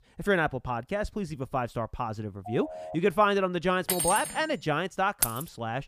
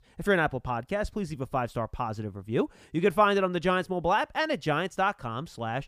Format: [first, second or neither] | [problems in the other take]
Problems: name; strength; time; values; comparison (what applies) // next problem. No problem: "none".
second | phone ringing; faint; at 2.5 s; peak 10 dB below the speech // clattering dishes; loud; at 4 s; peak 2 dB above the speech // jangling keys; loud; at 5 s; peak level with the speech